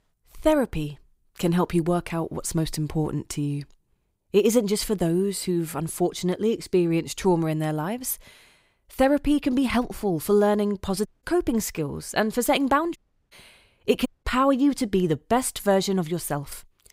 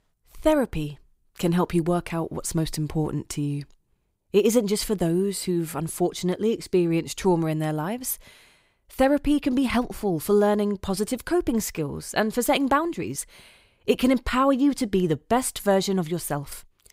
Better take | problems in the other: second | audio cutting out; at 11 s, at 13 s and at 14 s

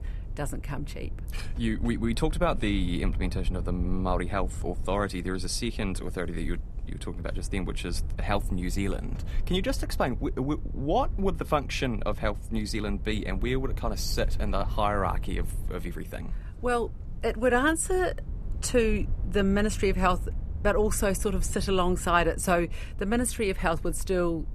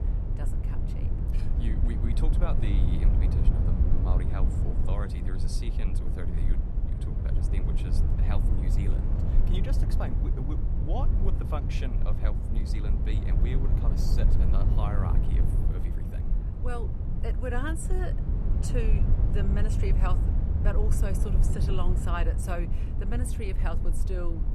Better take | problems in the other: first | low rumble; loud; throughout; 3 dB below the speech; faint in the first

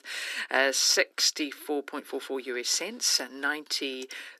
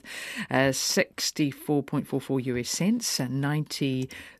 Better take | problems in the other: second | thin; somewhat; fading below 300 Hz

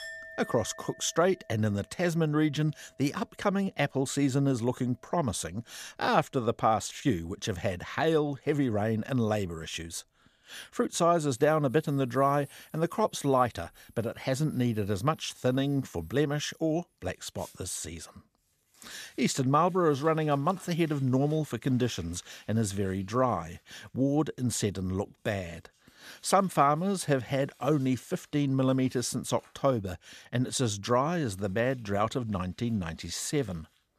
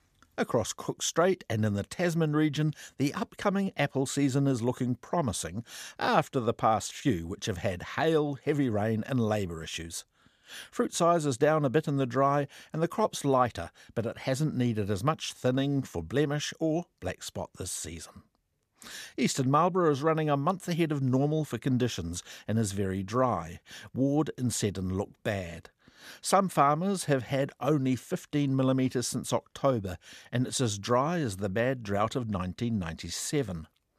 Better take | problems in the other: second | household noises; faint; throughout; 25 dB below the speech

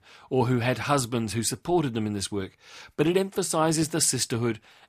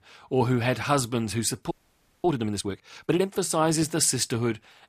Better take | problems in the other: first | audio freezing; at 1.5 s for 0.5 s

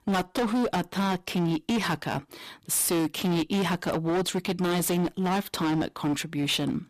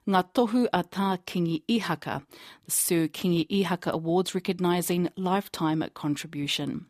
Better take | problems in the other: second | distortion; heavy; 23% of the sound clipped

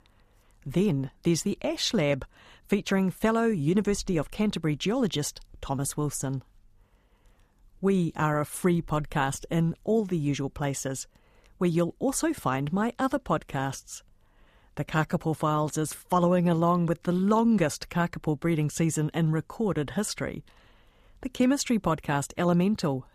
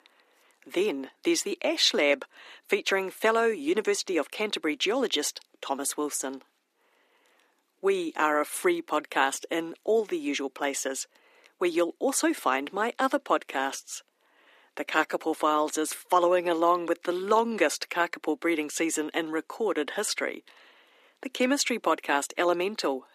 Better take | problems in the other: first | thin; somewhat; fading below 300 Hz

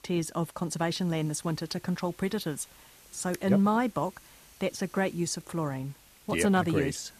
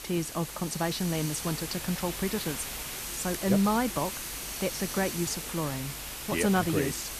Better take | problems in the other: first | hiss; loud; throughout; 5 dB below the speech; faint in the first

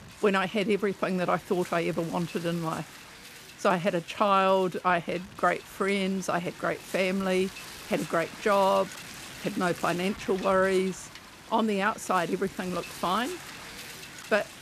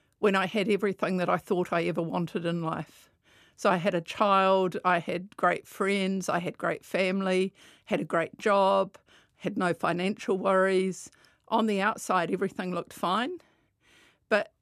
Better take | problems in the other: second | wind noise on the microphone; occasional gusts; 15 dB below the speech

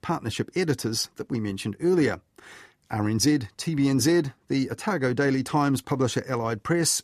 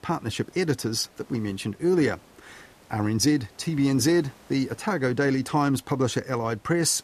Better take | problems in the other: first | hiss; faint; throughout; 30 dB below the speech

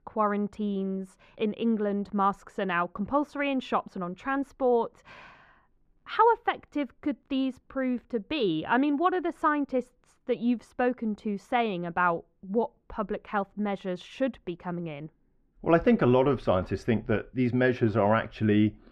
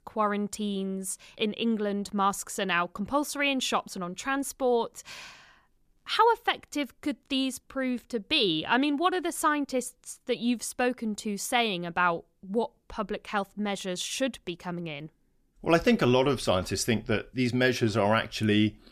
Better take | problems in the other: second | muffled; very; fading above 4 kHz

